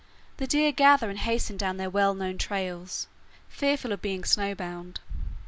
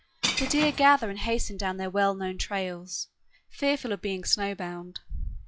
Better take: first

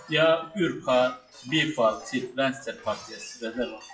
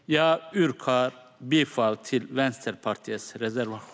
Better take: second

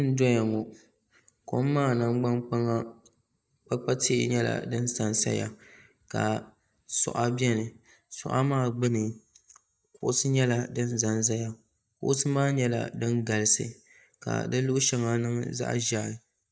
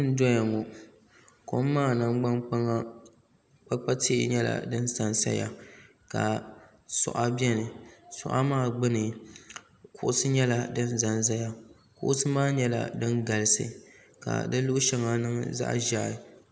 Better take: second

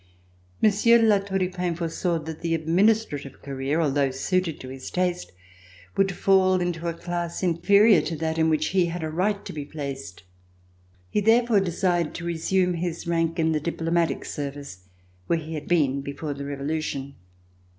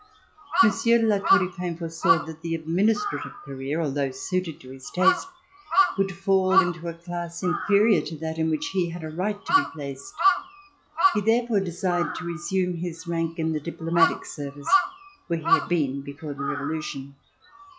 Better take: first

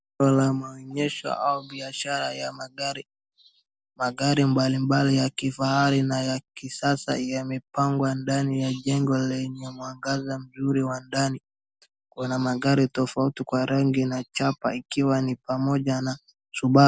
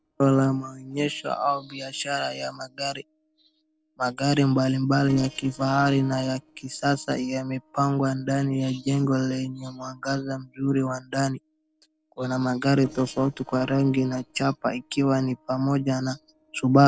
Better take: first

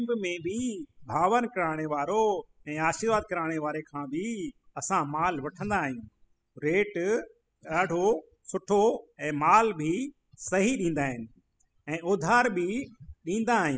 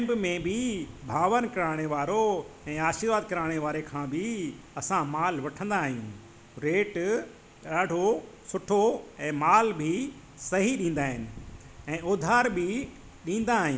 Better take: second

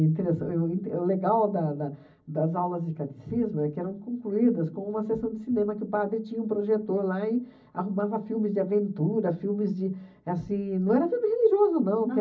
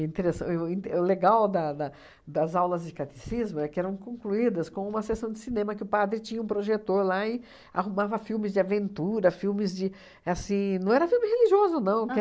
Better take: second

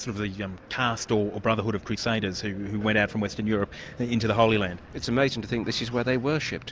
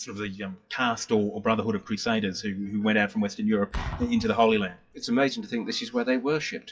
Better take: first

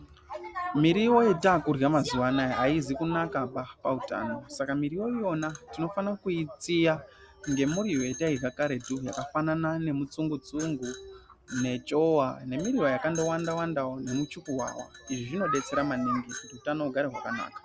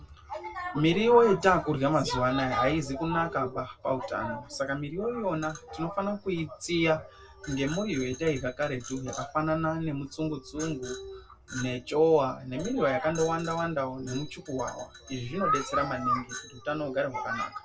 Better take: first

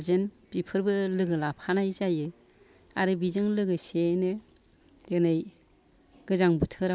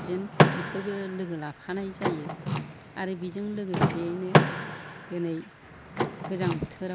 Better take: first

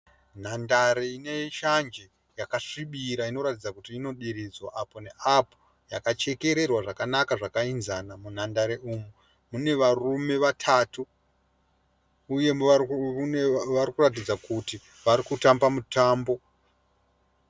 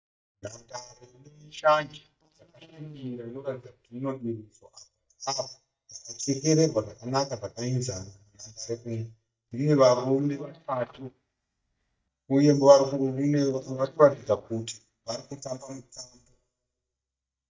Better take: first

